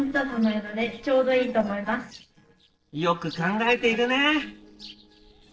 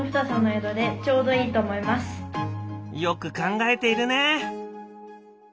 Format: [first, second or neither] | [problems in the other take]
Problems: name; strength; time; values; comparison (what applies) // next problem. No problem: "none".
second | noise reduction (neural separator model SepFormer DNS4)